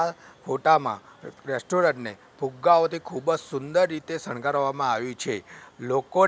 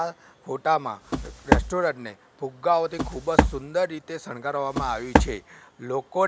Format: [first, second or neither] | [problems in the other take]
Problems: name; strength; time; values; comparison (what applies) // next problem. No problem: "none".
first | background sound (Walk, footsteps); 3 dB above the speech